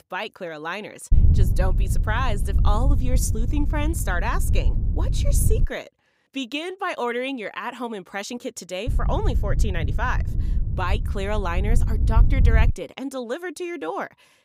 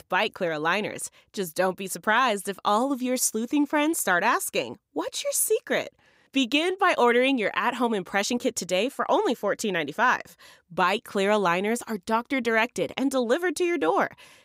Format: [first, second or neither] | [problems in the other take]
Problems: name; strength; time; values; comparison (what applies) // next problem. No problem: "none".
second | wind noise on the microphone; occasional gusts; from 1 to 5.5 s and from 9 to 13 s; 10 dB below the speech